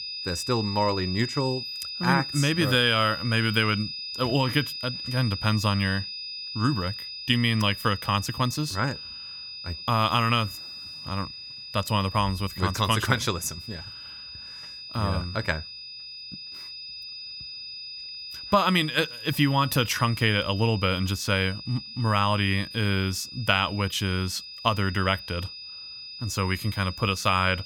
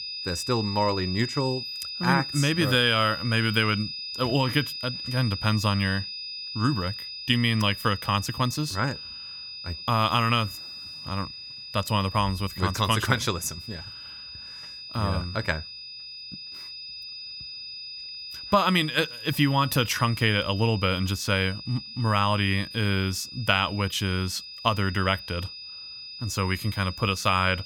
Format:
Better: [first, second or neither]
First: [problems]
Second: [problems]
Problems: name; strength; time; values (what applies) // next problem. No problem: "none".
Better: neither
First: high-pitched whine; loud; throughout; 5 kHz, 10 dB below the speech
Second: high-pitched whine; loud; throughout; 5 kHz, 10 dB below the speech